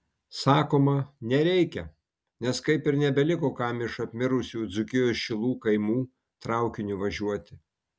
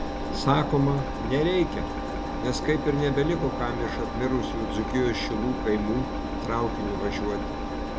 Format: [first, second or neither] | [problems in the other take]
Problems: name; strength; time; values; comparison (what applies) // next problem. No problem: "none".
first | background sound (Engine); 3 dB below the speech